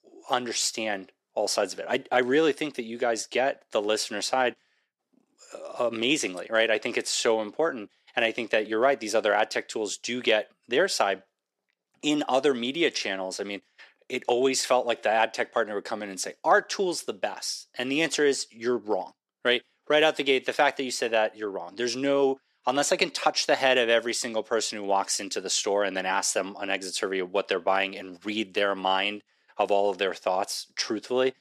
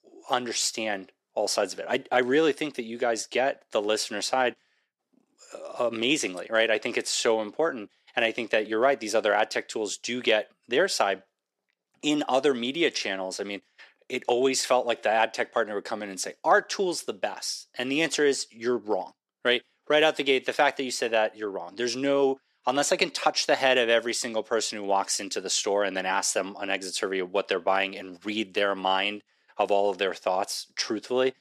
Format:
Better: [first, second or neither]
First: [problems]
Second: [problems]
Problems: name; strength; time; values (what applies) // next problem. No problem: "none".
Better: neither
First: thin; somewhat; fading below 350 Hz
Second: thin; somewhat; fading below 350 Hz